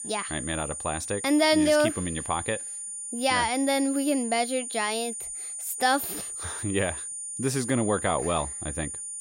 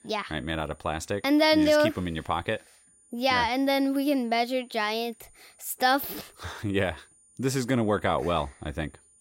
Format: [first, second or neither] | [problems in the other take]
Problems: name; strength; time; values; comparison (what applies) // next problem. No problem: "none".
second | high-pitched whine; loud; throughout; 9 kHz, 6 dB below the speech; faint in the second